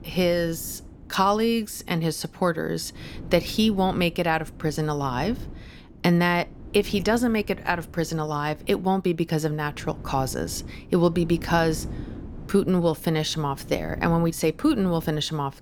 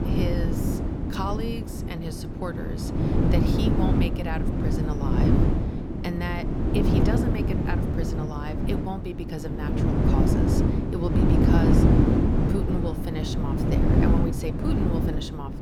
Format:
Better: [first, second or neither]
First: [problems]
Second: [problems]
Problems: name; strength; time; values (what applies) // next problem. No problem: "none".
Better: first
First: wind noise on the microphone; occasional gusts; 20 dB below the speech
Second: wind noise on the microphone; heavy; 4 dB above the speech